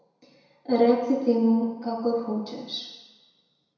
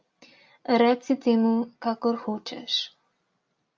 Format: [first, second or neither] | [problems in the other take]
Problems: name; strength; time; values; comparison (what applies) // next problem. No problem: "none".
second | room echo; dies away in 1 s